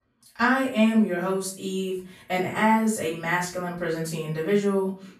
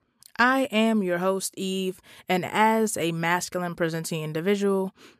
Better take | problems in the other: second | room echo; slight; dies away in 0.4 s // off-mic speech; far

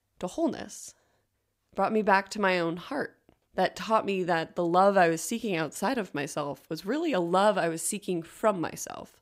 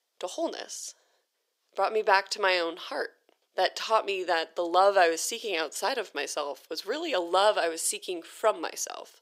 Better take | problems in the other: first | thin; very; fading below 400 Hz

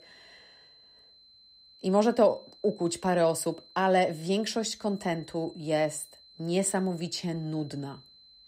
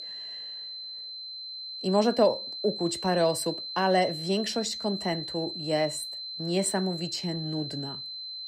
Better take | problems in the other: first | high-pitched whine; loud; throughout; 4 kHz, 7 dB below the speech; faint in the first

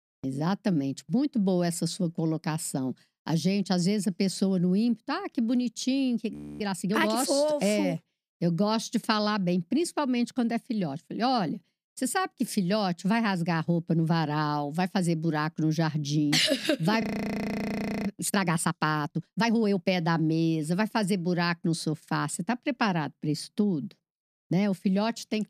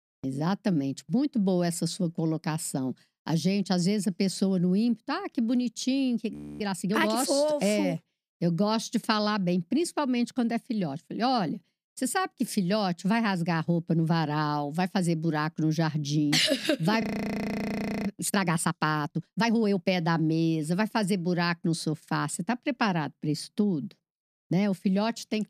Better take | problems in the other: neither | audio freezing; at 6.5 s and at 17 s for 1 s; the same in both

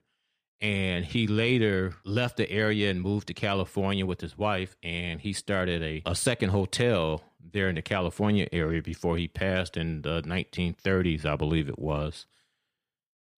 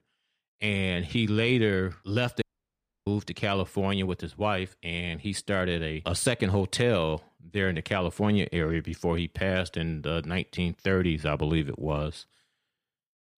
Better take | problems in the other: first | audio cutting out; at 2.5 s for 0.5 s

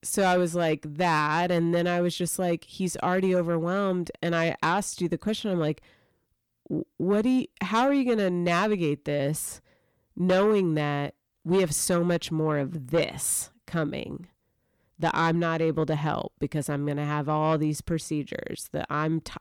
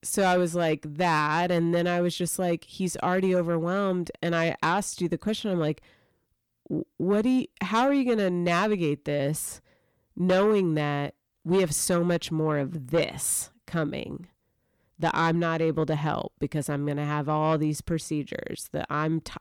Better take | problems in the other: neither | distortion; slight; 10 dB below the speech; the same in both

